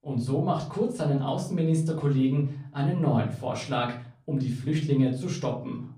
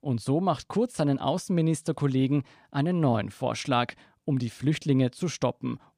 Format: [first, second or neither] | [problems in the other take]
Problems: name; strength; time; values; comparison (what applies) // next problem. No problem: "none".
second | room echo; slight; dies away in 0.5 s // off-mic speech; far